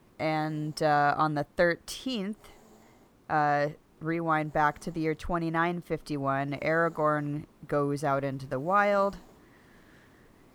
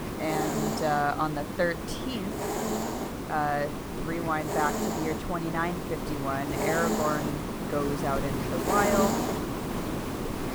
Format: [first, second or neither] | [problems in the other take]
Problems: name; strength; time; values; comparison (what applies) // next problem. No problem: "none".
first | hiss; loud; throughout; 1 dB below the speech; faint in the first